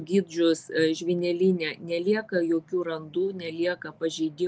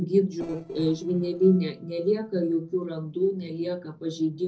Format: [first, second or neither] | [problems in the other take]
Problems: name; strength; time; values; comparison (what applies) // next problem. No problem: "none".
first | noise reduction (neural separator model SepFormer DNS4)